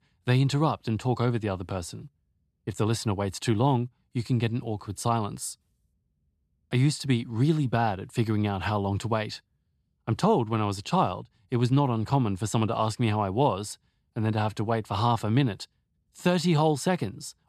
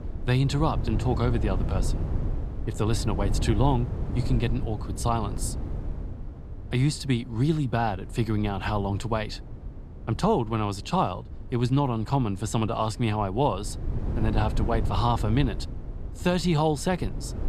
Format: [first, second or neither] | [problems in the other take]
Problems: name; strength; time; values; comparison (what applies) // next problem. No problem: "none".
first | wind noise on the microphone; occasional gusts; 15 dB below the speech